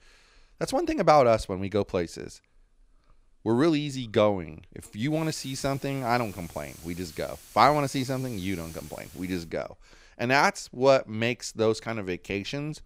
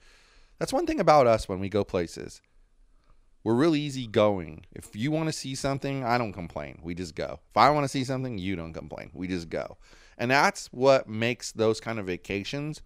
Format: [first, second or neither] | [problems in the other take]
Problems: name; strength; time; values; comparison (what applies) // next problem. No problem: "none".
second | hiss; faint; from 5 to 9.5 s; 20 dB below the speech